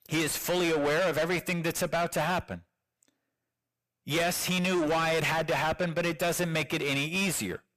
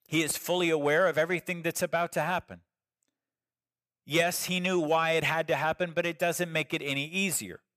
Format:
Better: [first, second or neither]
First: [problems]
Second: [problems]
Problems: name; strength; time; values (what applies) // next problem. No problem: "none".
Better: second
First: distortion; heavy; 6 dB below the speech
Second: none